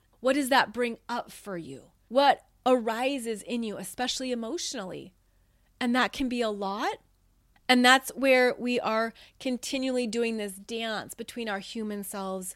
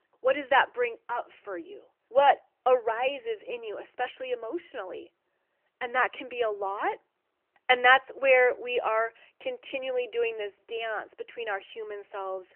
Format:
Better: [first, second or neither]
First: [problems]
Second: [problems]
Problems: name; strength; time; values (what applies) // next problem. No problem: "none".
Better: first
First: none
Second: phone-call audio; nothing above 3 kHz